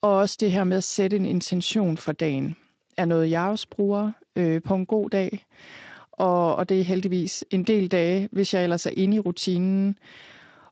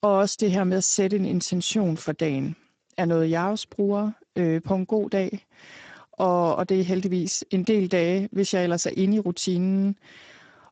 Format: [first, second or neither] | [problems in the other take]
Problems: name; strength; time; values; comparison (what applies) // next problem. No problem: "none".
first | garbled, watery; badly; nothing above 7.5 kHz; slightly in the first